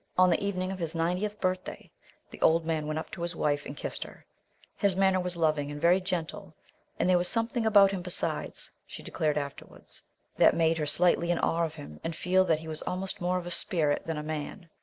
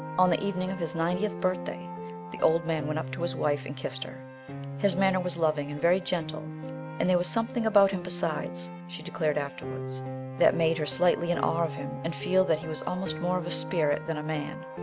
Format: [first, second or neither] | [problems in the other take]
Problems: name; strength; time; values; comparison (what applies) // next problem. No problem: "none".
first | background sound (Piano); 9 dB below the speech